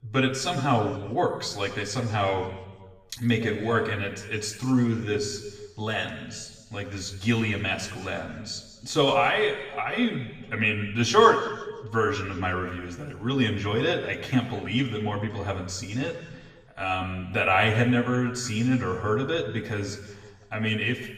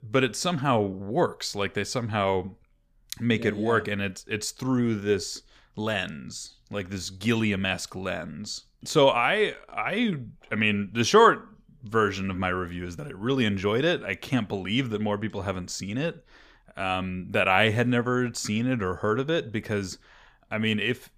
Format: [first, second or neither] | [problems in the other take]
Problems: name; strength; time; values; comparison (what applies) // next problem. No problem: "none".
second | room echo; noticeable; dies away in 1.2 s // off-mic speech; far